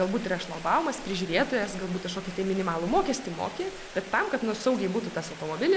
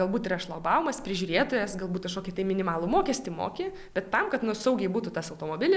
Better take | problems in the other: second | background sound (Rain); 15 dB below the speech

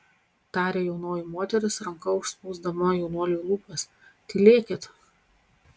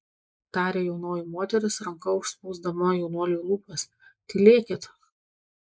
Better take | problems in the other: first | noise reduction (neural mask model Resemble Enhance denoiser)

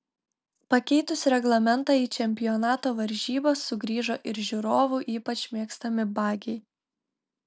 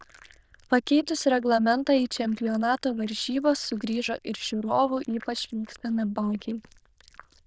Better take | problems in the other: first | noise reduction (neural diffusion model UNIVERSE++)

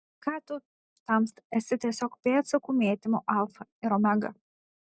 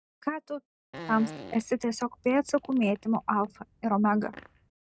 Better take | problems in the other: first | background sound (Fart); 18 dB below the speech

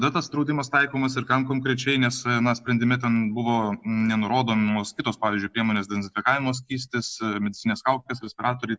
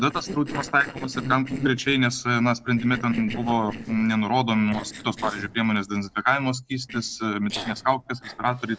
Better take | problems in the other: first | noise reduction (neural separator model SepFormer DNS4)

